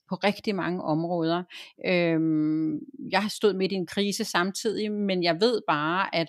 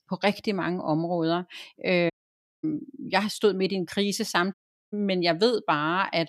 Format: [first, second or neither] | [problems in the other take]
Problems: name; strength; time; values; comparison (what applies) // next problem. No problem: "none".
first | audio cutting out; at 2 s for 0.5 s and at 4.5 s